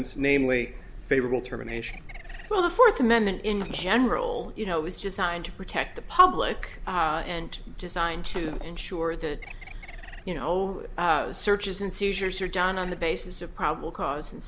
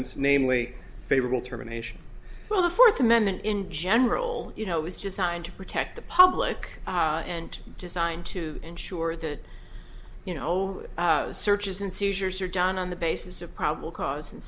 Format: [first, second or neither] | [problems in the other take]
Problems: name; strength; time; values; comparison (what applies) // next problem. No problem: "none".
second | background sound (Shatter + Bird); 18 dB below the speech